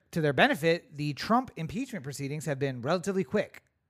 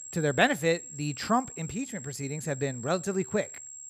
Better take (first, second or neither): first